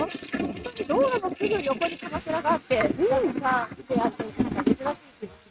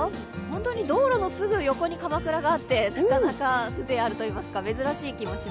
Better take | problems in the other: second | noise reduction (neural mask model RNNoise)

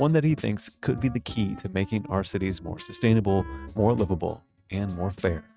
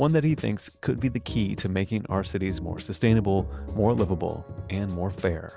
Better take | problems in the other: second | noise reduction (neural mask model RNNoise)

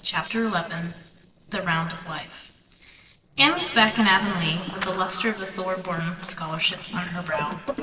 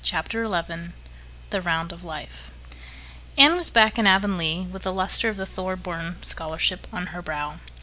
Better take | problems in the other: second | noise reduction (neural separator model SepFormer DNS4)

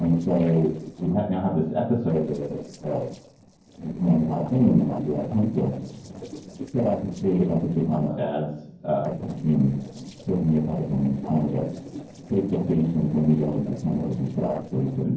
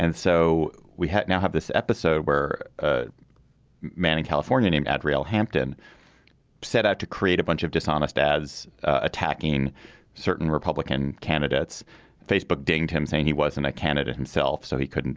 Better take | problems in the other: second | noise reduction (neural separator model SepFormer DNS4)

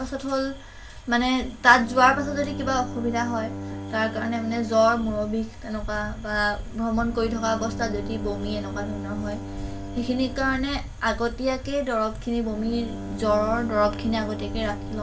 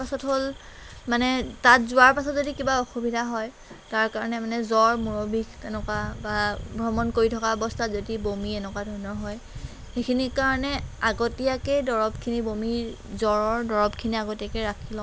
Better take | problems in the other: second | background sound (Bowed string instrument); 11 dB below the speech // room echo; dies away in 0.2 s

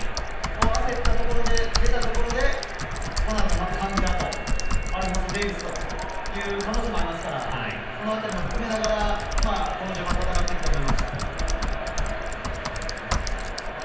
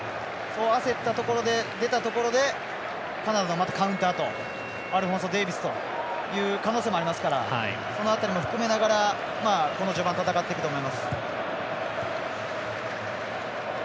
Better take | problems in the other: second | background sound (Typing); 5 dB above the speech // room echo; dies away in 0.9 s

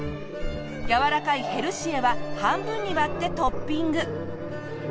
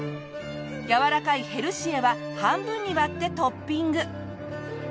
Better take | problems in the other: second | background sound (Growling); 5 dB below the speech

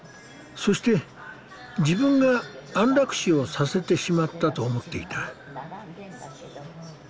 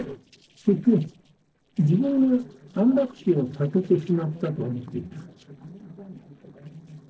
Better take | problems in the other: first | noise reduction (neural separator model SepFormer DNS4)

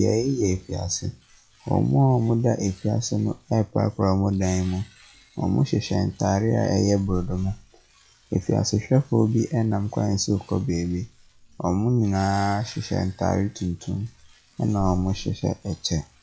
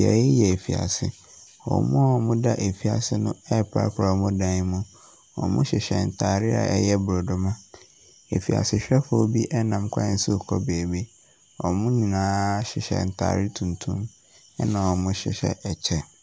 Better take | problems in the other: second | noise reduction (classical method log-MMSE)

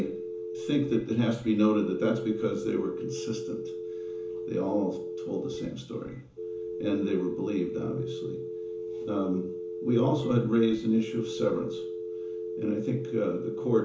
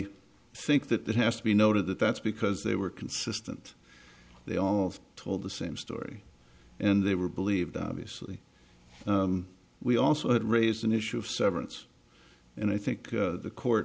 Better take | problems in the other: second | background sound (Telephone); 6 dB below the speech // room echo; dies away in 0.7 s

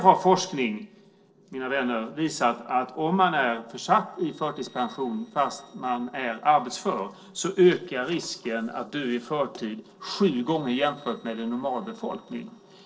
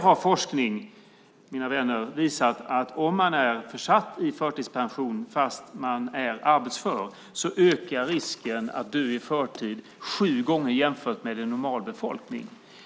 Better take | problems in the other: second | noise reduction (neural separator model SepFormer DNS4)

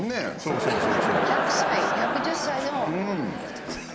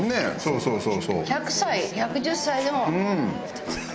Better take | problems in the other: second | background sound (Crowd); 2 dB above the speech

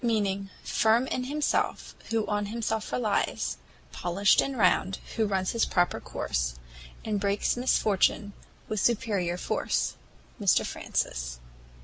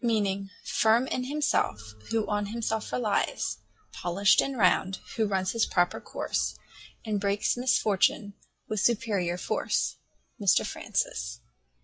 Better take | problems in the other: first | noise reduction (classical method log-MMSE)

